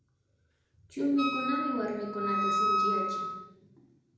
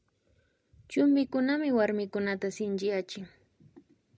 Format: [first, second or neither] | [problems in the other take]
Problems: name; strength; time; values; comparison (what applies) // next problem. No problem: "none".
second | background sound (Wind instrument, woodwind instrument); 3 dB above the speech // room echo; dies away in 0.9 s